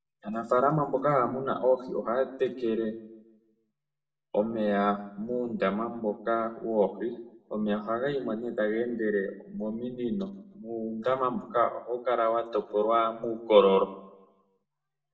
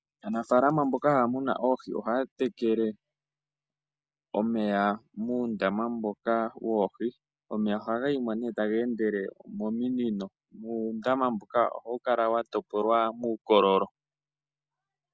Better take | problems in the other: second | room echo; dies away in 0.7 s

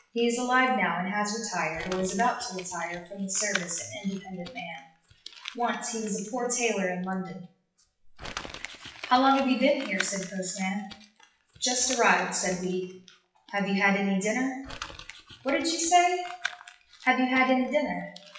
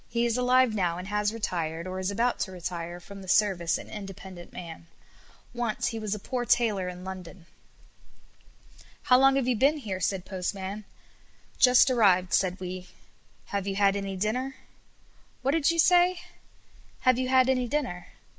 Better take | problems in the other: second | noise reduction (classical method WPE with log-MMSE)

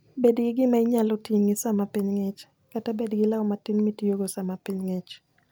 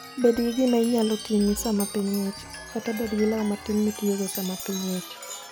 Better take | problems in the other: first | background sound (Chime); 12 dB below the speech

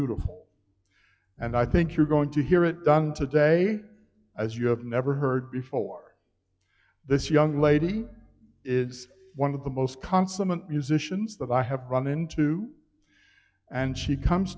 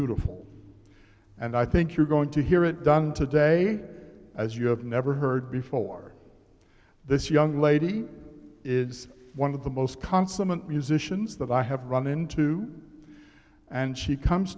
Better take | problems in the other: second | noise reduction (classical method log-MMSE)

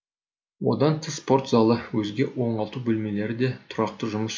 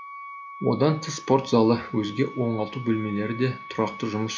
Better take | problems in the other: first | background sound (Wind instrument, woodwind instrument); 15 dB below the speech

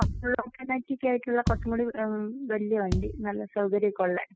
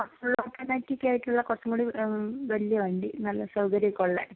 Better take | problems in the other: second | noise reduction (classical method spectral subtraction)

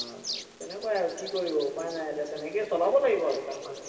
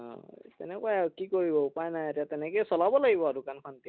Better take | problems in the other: second | background sound (Bird vocalization, bird call, bird song); 14 dB below the speech // room echo; dies away in 2.6 s

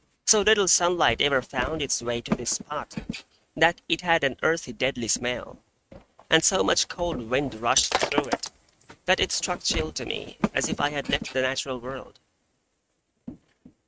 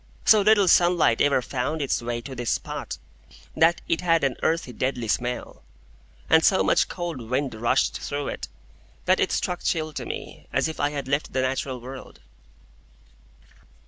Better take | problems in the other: second | noise reduction (neural mask model RNNoise)

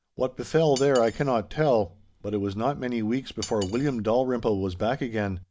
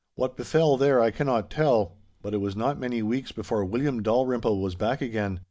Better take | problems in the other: second | background sound (Cutlery, silverware); 19 dB below the speech

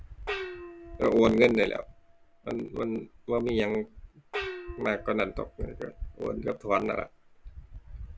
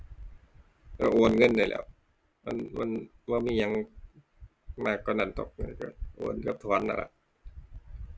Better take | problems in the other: second | background sound (Gong); 14 dB below the speech

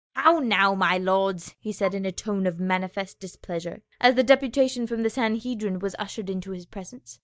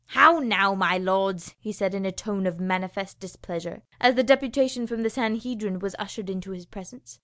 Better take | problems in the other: second | noise reduction (neural mask model DeepFilterNet 3)

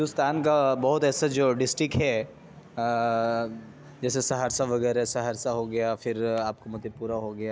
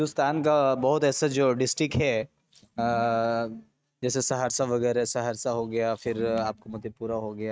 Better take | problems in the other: first | noise reduction (neural mask model RNNoise)

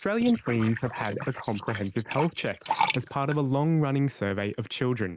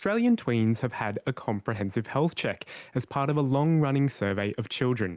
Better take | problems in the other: second | noise reduction (neural mask model Resemble Enhance denoiser)

